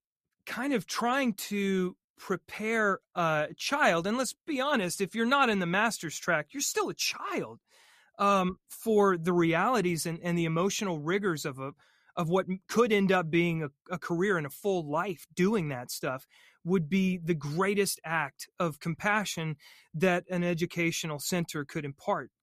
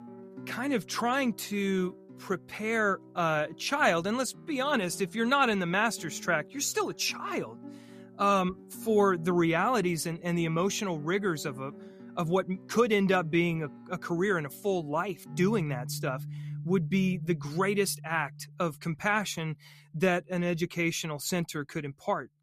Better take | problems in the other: first | background music; noticeable; throughout; 15 dB below the speech

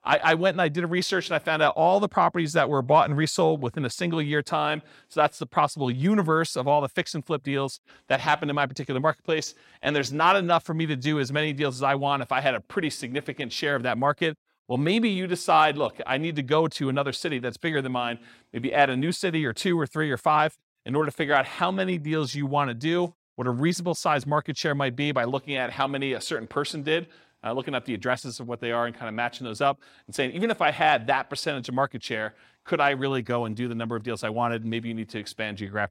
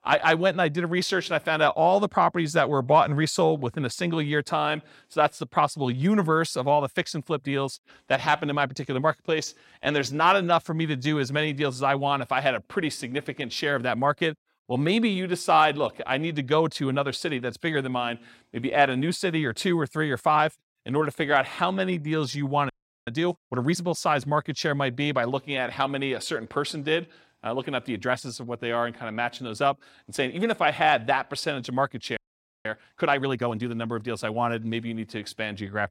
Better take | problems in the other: first | audio freezing; at 23 s and at 32 s

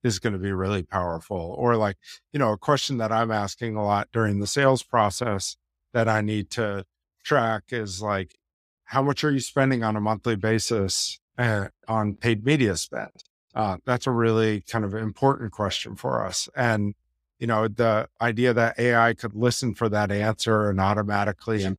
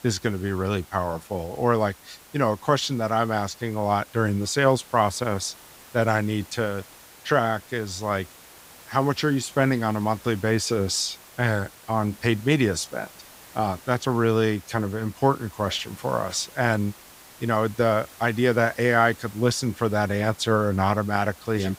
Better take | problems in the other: first | hiss; faint; throughout; 20 dB below the speech

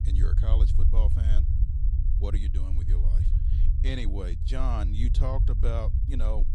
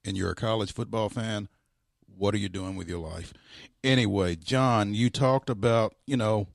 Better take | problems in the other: second | low rumble; loud; throughout; 6 dB below the speech

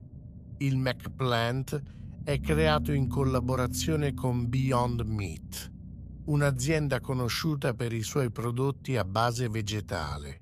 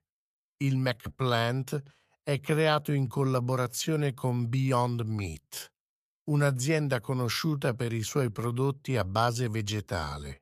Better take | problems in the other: second | low rumble; noticeable; throughout; 15 dB below the speech

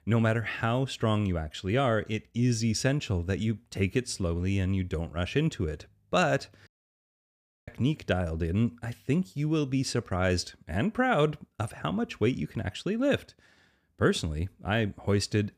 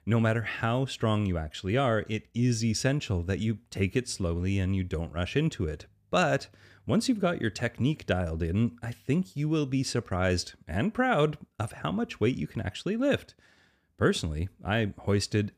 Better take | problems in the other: second | audio cutting out; at 6.5 s for 1 s

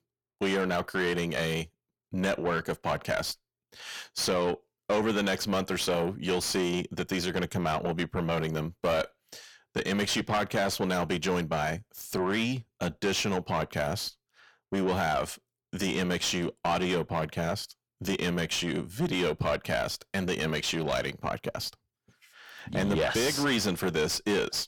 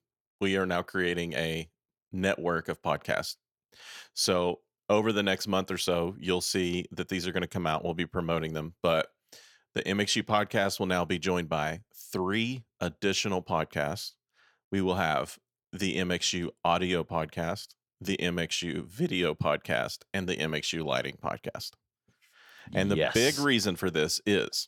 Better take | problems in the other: second | distortion; heavy; 7 dB below the speech

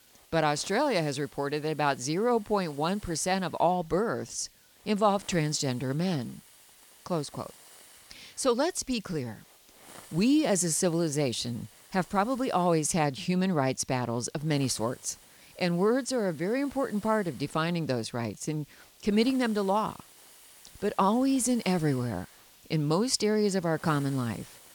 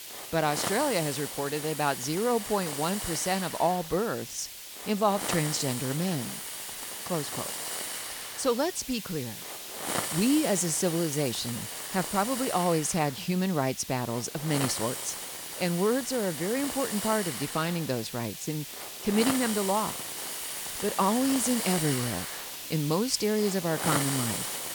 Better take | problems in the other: first | hiss; loud; throughout; 4 dB below the speech; faint in the first

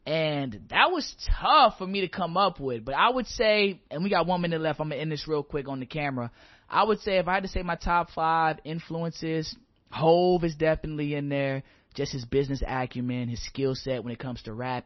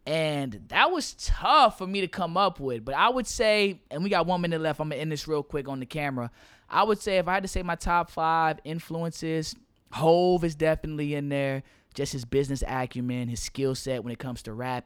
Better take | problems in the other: second | garbled, watery; slightly; nothing above 6 kHz

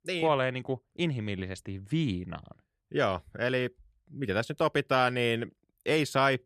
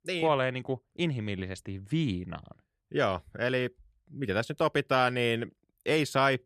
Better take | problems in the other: neither | none

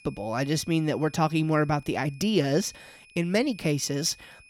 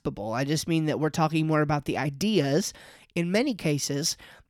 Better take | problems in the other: second | high-pitched whine; faint; throughout; 2.5 kHz, 25 dB below the speech

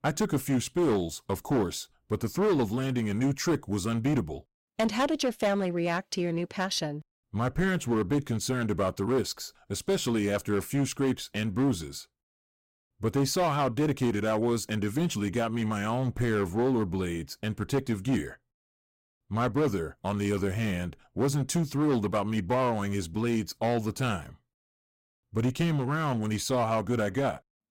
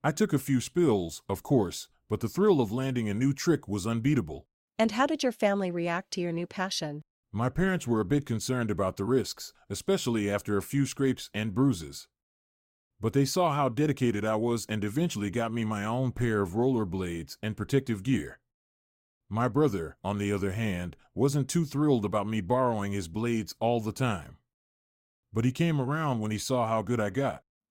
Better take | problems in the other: second | distortion; slight; 8% of the sound clipped

